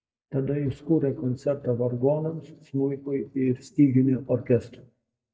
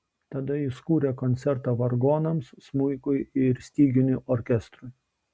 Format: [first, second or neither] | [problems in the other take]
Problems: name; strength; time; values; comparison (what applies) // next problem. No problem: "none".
second | noise reduction (neural mask model DeepFilterNet 3)